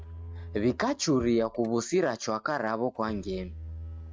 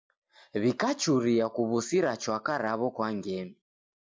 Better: second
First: noise reduction (neural mask model RNNoise)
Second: none

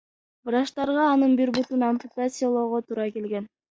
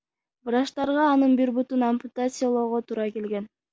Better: second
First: noise reduction (neural mask model DeepFilterNet 3)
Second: none

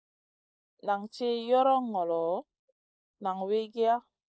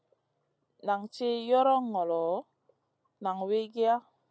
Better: second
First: noise reduction (neural mask model Resemble Enhance denoiser)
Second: none

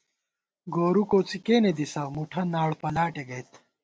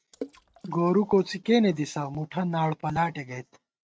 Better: first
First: none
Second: noise reduction (neural mask model RNNoise)

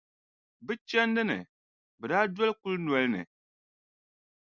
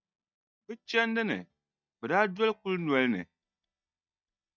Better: first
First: none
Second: noise reduction (neural mask model DeepFilterNet 3)

